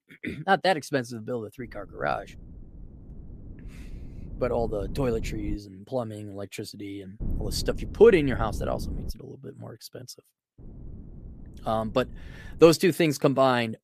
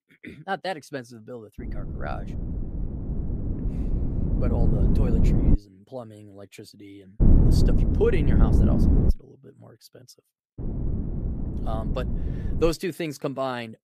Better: first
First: wind noise on the microphone; occasional gusts; from 1.5 to 5.5 s, from 7 to 9 s and from 11 to 13 s; 25 dB below the speech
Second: wind noise on the microphone; heavy; from 1.5 to 5.5 s, from 7 to 9 s and from 11 to 13 s; 3 dB below the speech

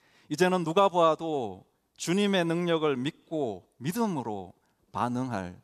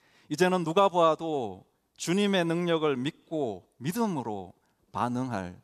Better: neither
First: none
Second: none

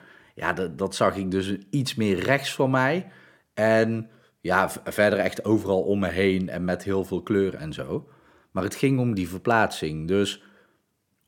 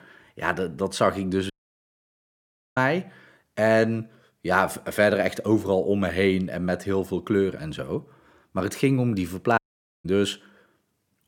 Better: first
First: none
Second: audio cutting out; at 1.5 s for 1.5 s and at 9.5 s

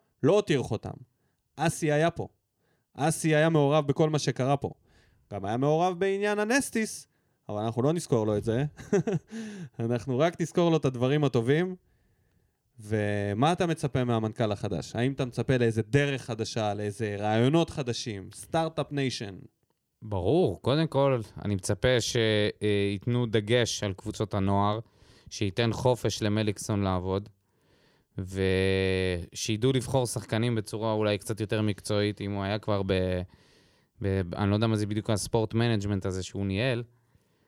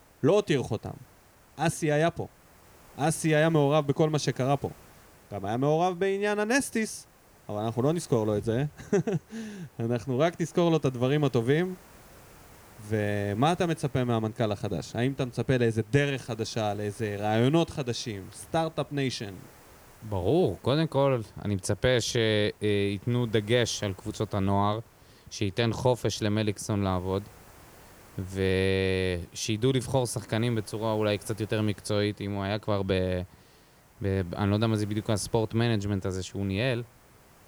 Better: first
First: none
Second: hiss; faint; throughout; 25 dB below the speech

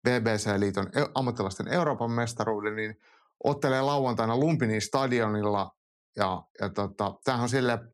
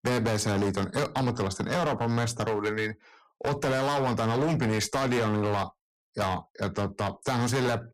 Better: first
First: none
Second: distortion; heavy; 19% of the sound clipped

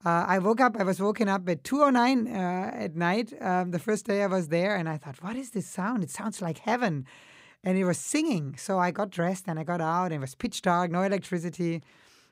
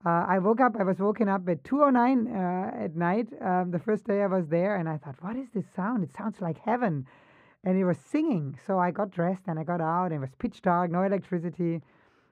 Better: first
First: none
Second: muffled; very; fading above 3 kHz

